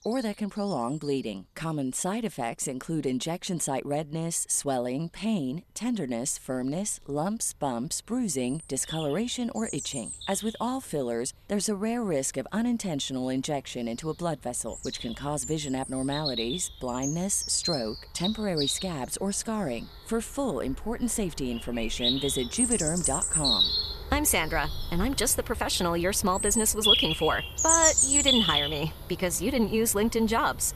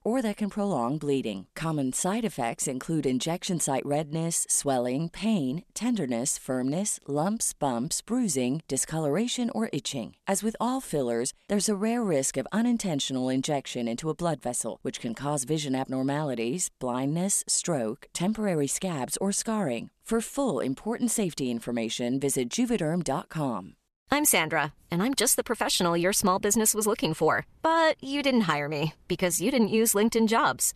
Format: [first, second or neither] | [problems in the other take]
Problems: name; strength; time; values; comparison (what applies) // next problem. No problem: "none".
second | animal sounds; very loud; throughout; 2 dB above the speech